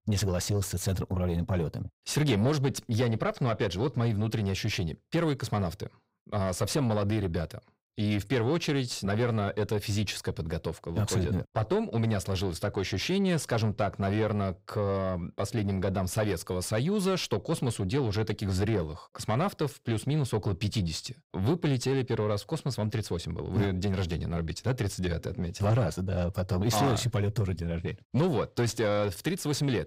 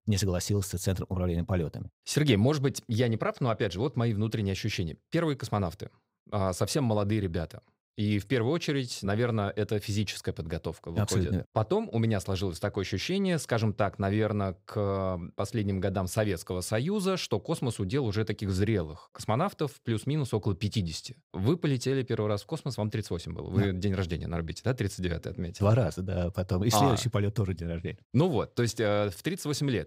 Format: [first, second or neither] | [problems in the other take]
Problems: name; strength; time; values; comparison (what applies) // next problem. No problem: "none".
second | distortion; slight; 9 dB below the speech